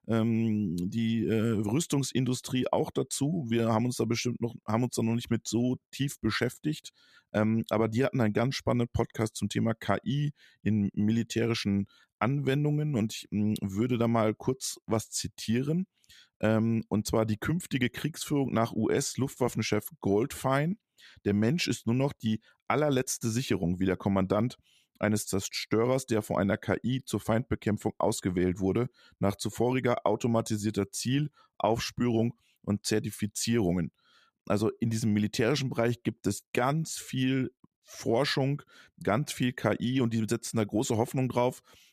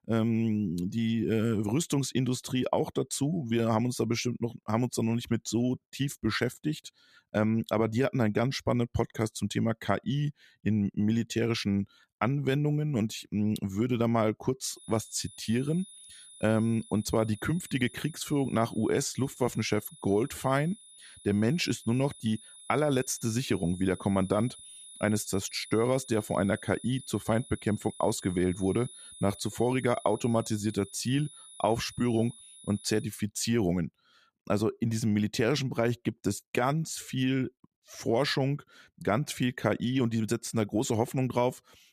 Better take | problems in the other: first | high-pitched whine; noticeable; from 15 to 33 s; 10 kHz, 20 dB below the speech

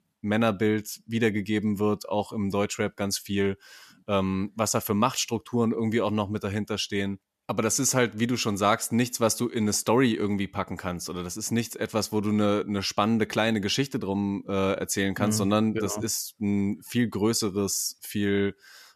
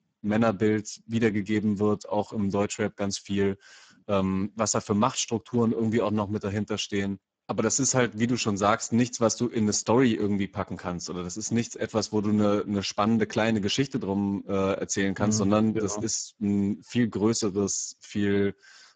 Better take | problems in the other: first | garbled, watery; badly; nothing above 7.5 kHz

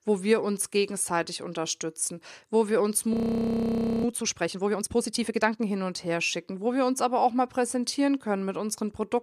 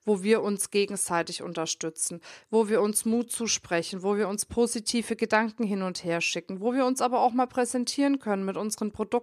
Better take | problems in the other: second | audio freezing; at 3 s for 1 s

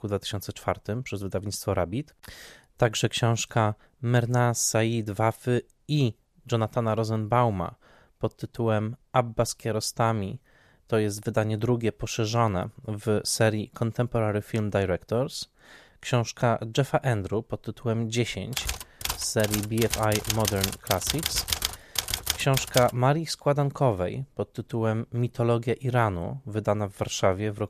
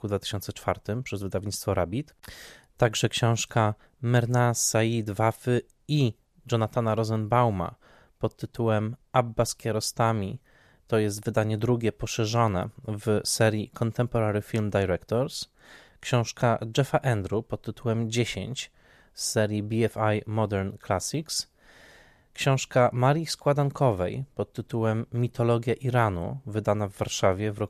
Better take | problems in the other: second | keyboard typing; loud; from 19 to 23 s; peak 1 dB above the speech

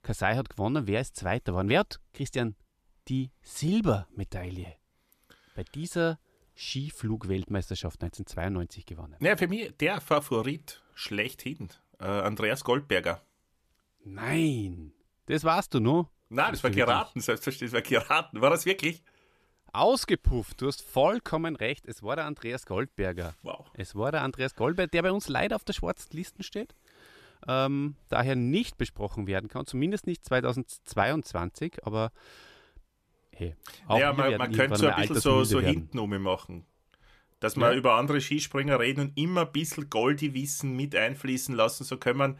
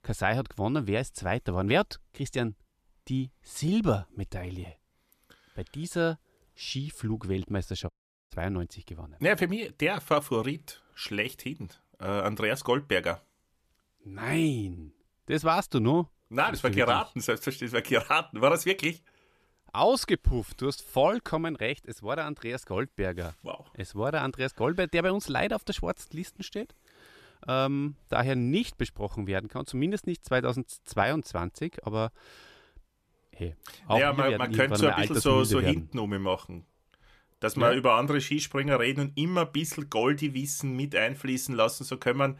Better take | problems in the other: first | audio cutting out; at 8 s

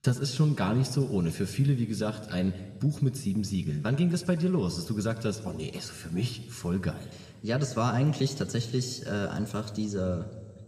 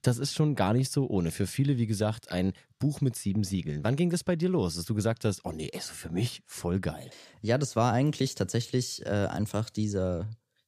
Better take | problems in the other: second | room echo; slight; dies away in 2.6 s

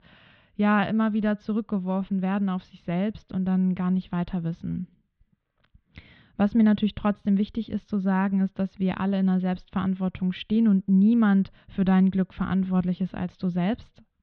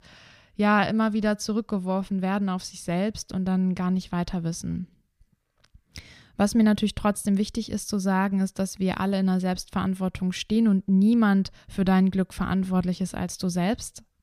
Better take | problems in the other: second | muffled; very; fading above 3.5 kHz

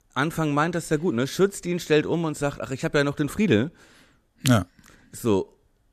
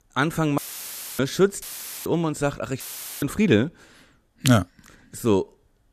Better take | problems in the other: first | audio cutting out; filled with static; at 0.5 s for 0.5 s, at 1.5 s and at 3 s

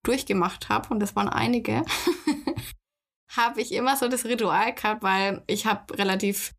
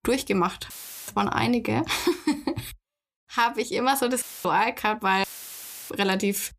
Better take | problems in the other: first | audio cutting out; filled with static; at 0.5 s, at 4 s and at 5 s for 0.5 s

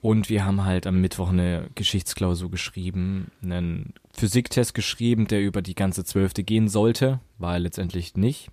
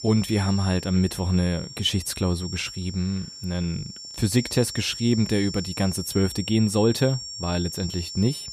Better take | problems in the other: first | high-pitched whine; loud; throughout; 5.5 kHz, 10 dB below the speech

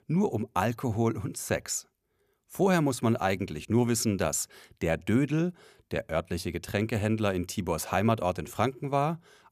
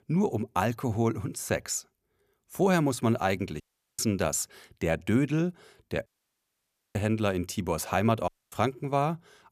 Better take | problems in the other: first | audio cutting out; at 3.5 s, at 6 s for 1 s and at 8.5 s

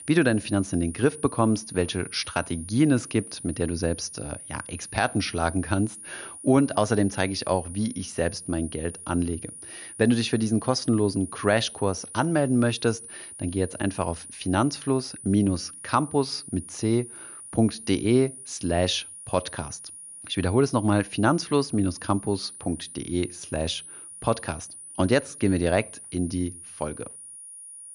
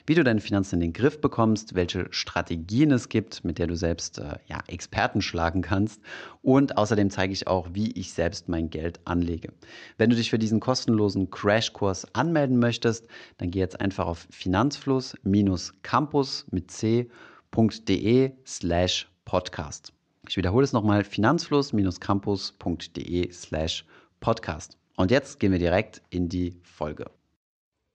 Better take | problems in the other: second | high-pitched whine; noticeable; throughout; 9.5 kHz, 15 dB below the speech

